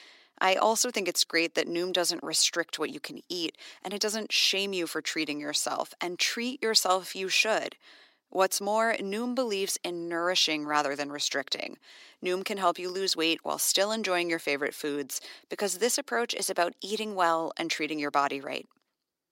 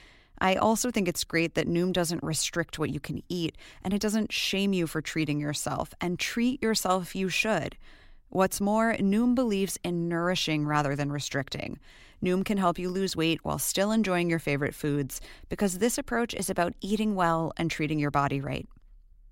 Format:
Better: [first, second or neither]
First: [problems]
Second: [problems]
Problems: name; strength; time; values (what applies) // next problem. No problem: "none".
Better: second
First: thin; somewhat; fading below 350 Hz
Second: none